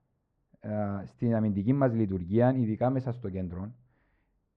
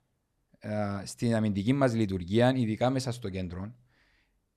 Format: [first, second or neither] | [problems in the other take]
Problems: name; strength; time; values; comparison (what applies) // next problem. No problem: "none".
second | muffled; very; fading above 1.5 kHz